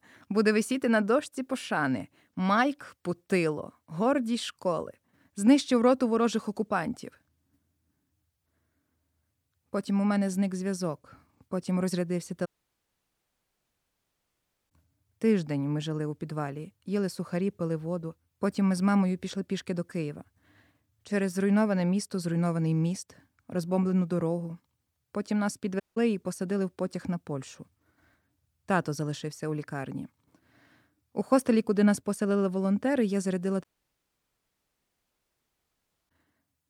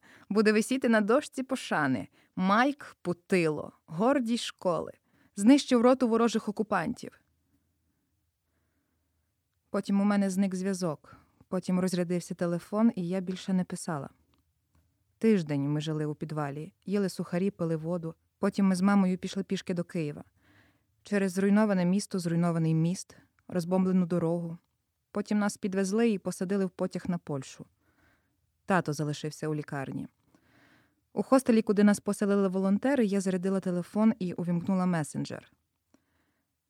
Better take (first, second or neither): second